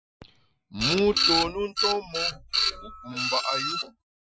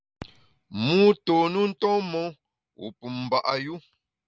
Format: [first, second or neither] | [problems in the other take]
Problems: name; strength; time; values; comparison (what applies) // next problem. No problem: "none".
second | noise reduction (classical method Wiener filter)